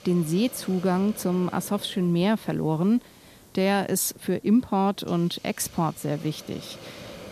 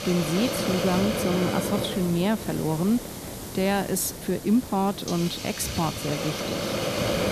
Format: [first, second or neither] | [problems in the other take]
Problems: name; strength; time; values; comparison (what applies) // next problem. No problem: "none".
first | hiss; loud; throughout; 4 dB below the speech; faint in the first